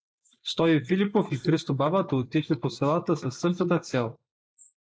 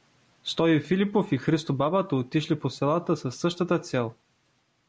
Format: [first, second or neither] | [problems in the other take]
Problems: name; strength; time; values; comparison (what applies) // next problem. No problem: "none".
second | noise reduction (neural mask model Resemble Enhance denoiser)